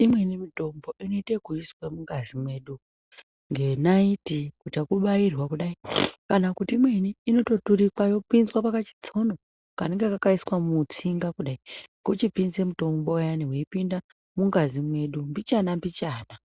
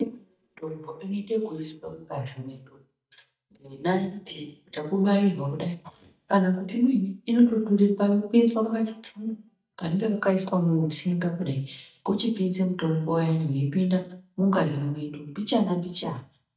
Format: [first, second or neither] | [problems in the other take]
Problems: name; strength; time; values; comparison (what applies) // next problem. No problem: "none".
first | noise reduction (neural mask model DeepFilterNet 3)